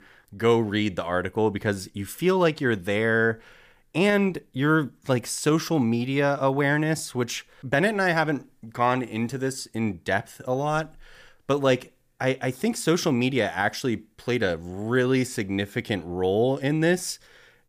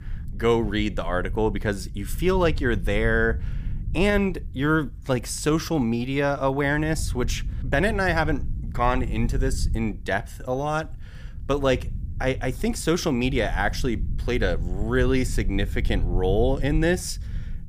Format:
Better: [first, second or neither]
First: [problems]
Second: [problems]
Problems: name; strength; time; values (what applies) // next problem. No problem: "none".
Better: first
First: none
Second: low rumble; faint; throughout; 20 dB below the speech